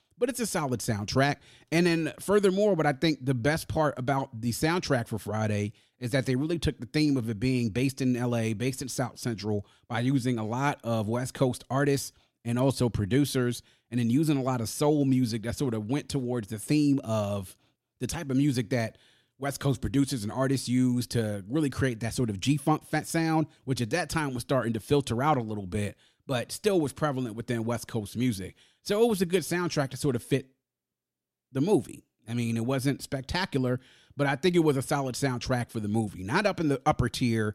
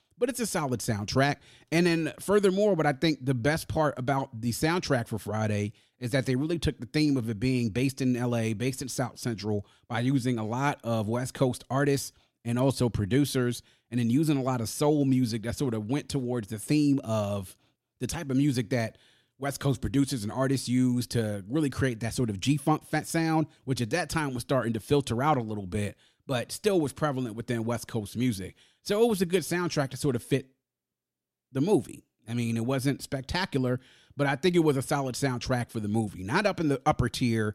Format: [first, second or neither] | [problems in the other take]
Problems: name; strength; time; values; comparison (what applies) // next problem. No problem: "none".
neither | none